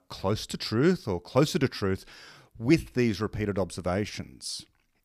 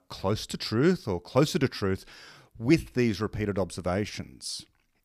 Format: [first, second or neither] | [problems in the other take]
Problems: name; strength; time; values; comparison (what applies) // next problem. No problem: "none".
neither | none